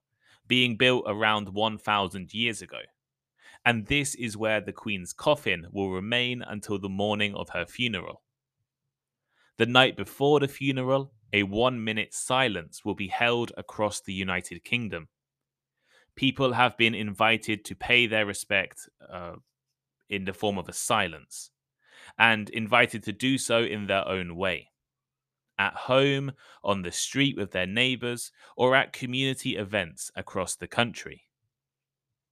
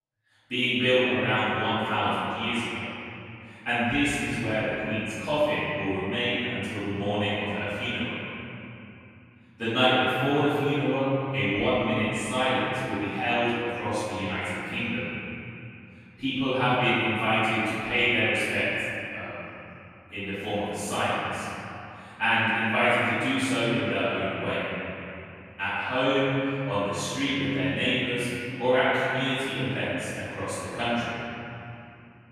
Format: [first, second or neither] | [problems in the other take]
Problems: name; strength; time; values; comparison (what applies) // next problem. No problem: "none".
first | off-mic speech; far // room echo; strong; dies away in 3 s